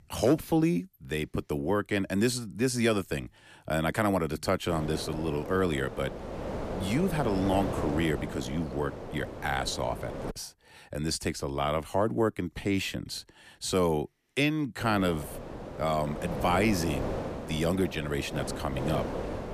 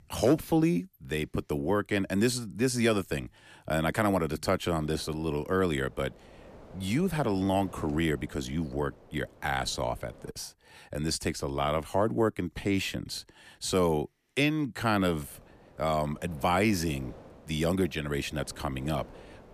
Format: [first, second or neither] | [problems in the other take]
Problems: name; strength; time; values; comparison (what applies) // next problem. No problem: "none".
second | wind noise on the microphone; heavy; from 4.5 to 10 s and from 15 s on; 7 dB below the speech; occasional gusts in the second